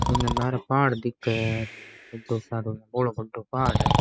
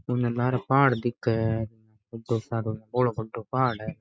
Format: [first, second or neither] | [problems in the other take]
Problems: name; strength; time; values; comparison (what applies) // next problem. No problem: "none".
second | background sound (Breathing); 2 dB below the speech